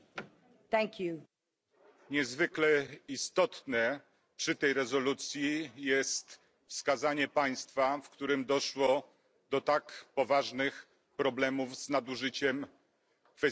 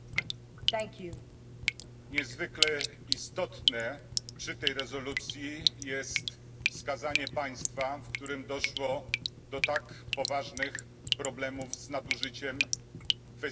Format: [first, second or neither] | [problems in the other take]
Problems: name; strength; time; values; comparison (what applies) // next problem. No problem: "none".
first | background sound (Drip); 2 dB above the speech // room echo; dies away in 0.7 s